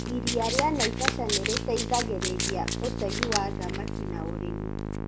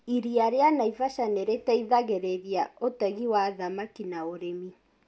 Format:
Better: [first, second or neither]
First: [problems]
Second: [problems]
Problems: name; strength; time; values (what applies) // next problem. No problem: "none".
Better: second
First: background sound (Domestic sounds, home sounds + Musical instrument); 2 dB above the speech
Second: none